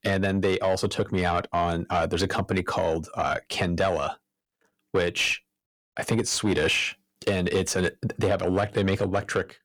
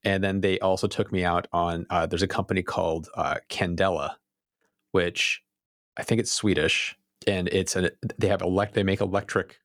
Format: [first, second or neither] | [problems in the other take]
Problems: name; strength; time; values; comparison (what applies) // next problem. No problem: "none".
second | distortion; slight; 10 dB below the speech